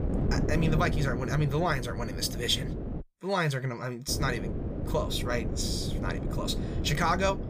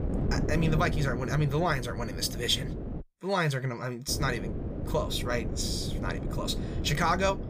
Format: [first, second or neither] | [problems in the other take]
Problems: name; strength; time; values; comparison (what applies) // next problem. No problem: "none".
second | wind noise on the microphone; heavy; until 3 s and from 4 s on; 9 dB below the speech; occasional gusts in the second